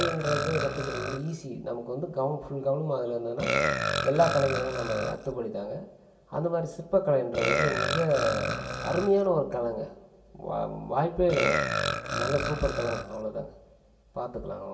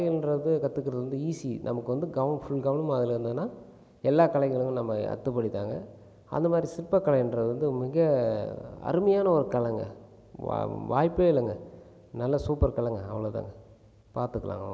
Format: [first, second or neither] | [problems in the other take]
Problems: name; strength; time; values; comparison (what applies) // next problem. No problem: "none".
second | background sound (Burping, eructation); 4 dB below the speech // room echo; dies away in 0.3 s